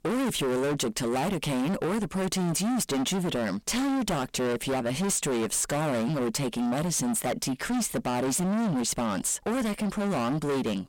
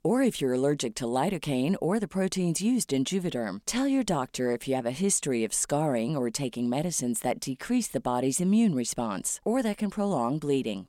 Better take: second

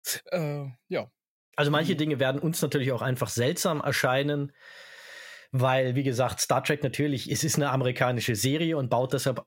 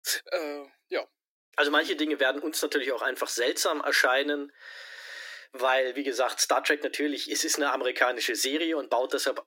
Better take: first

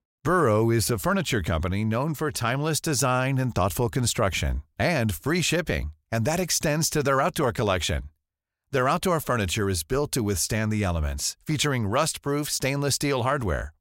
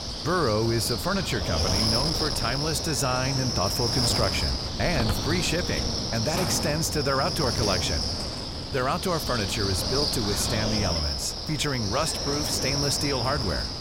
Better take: first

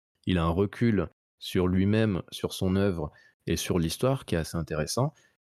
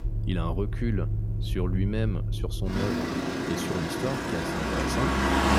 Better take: first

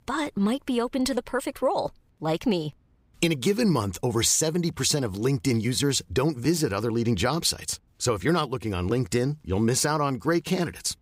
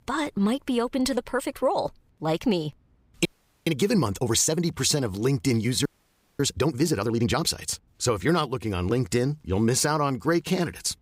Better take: first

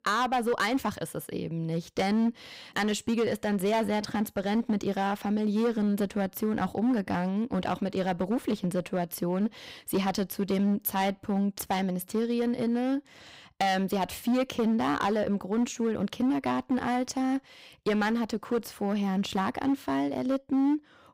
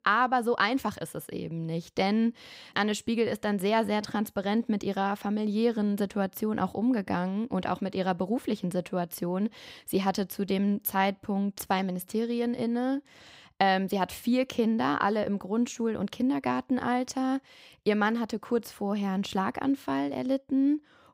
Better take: second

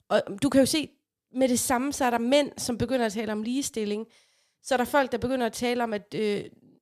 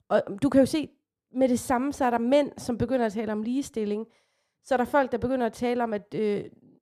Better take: first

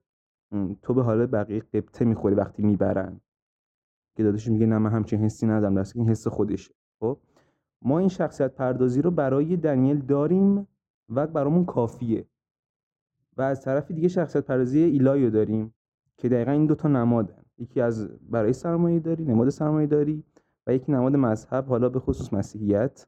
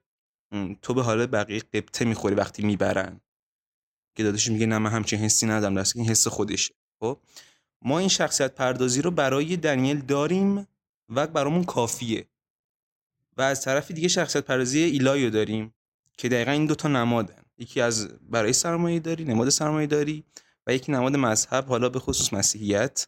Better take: second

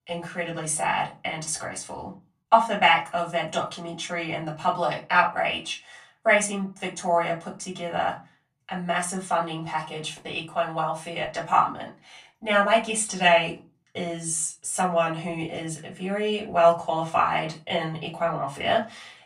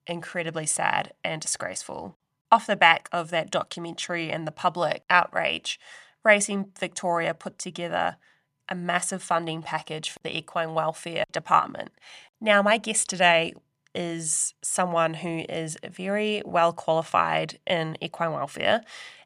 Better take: second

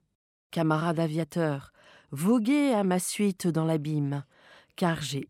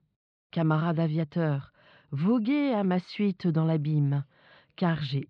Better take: first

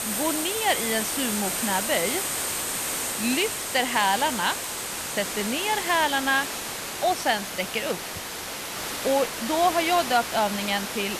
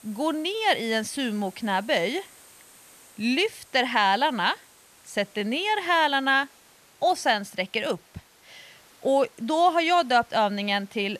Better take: second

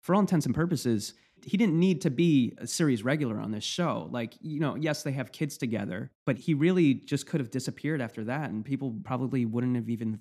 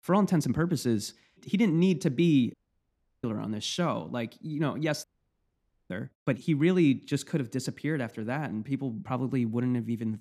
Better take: first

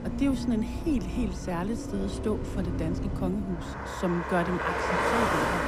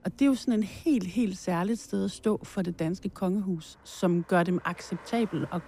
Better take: second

